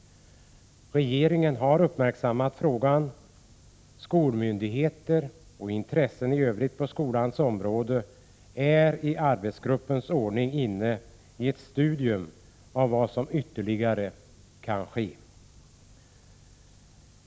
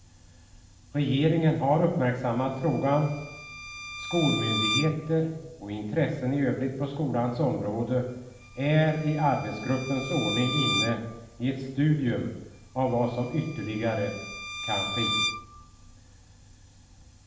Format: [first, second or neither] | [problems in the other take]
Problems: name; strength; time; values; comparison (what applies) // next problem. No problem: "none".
first | background sound (Bowed string instrument); 7 dB below the speech // room echo; dies away in 0.9 s